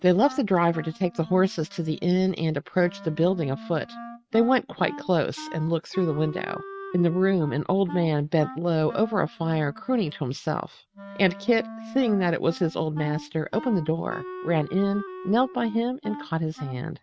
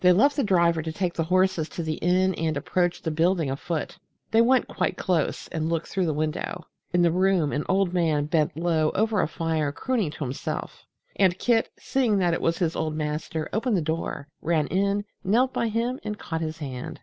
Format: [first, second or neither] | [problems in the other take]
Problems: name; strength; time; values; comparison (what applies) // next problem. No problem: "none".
second | noise reduction (neural mask model RNNoise)